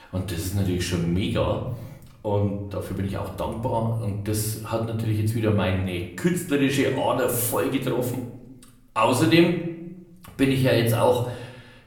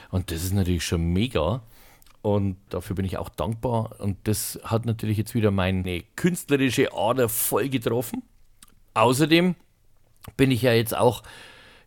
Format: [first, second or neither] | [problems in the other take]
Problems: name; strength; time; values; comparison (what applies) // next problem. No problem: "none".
second | room echo; slight; dies away in 0.6 s // off-mic speech; far